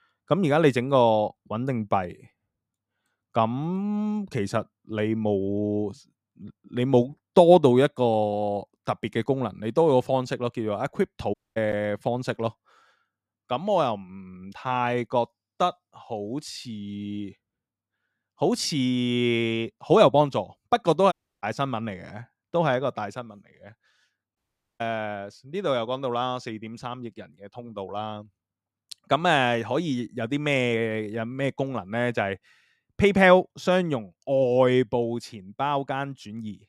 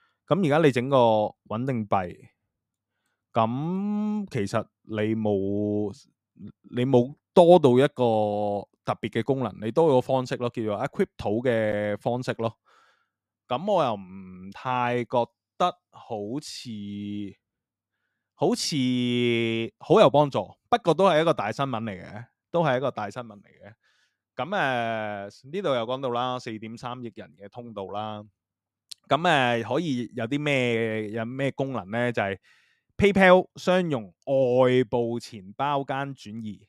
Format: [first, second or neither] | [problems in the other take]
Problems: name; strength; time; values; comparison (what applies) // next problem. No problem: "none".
second | audio cutting out; at 11 s, at 21 s and at 24 s